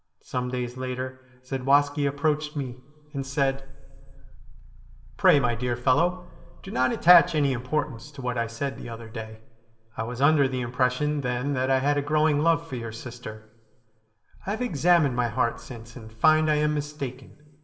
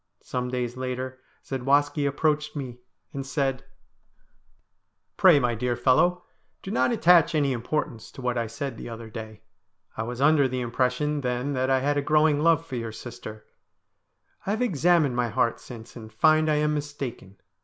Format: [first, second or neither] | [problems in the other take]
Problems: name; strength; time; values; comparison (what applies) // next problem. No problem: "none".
second | background sound (Idling / Car); 18 dB below the speech // room echo; dies away in 1 s